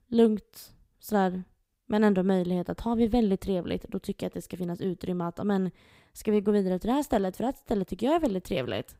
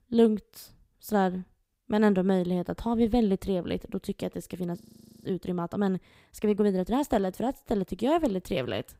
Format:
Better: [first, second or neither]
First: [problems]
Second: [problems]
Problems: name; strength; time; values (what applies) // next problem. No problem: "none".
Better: first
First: none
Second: audio freezing; at 5 s